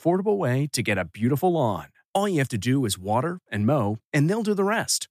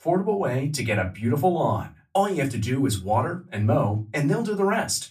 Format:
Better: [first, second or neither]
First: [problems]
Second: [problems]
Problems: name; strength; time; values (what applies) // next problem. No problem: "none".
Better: first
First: none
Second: off-mic speech; far // room echo; very slight; dies away in 0.2 s